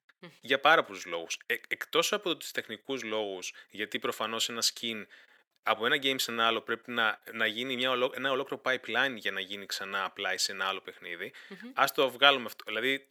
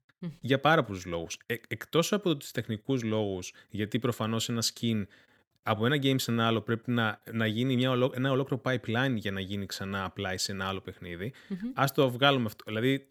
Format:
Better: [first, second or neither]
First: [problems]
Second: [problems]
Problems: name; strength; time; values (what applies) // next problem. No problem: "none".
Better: second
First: thin; somewhat; fading below 450 Hz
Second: none